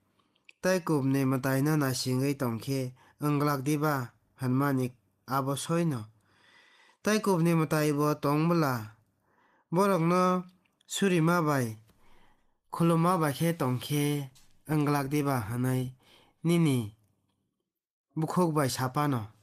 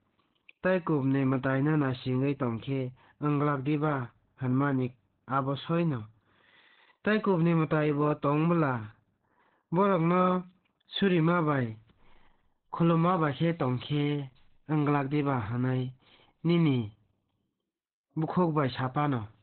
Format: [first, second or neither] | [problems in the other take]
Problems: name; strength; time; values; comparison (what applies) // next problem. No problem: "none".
first | garbled, watery; badly; nothing above 4 kHz; slightly in the first